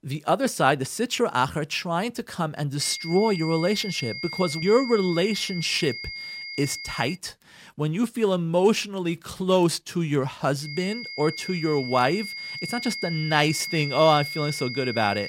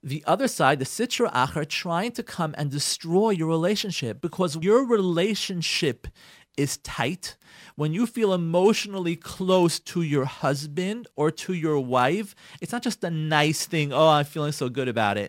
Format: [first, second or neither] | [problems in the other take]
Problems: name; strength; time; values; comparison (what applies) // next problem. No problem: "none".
second | high-pitched whine; loud; from 3 to 7 s and from 11 s on; 2 kHz, 8 dB below the speech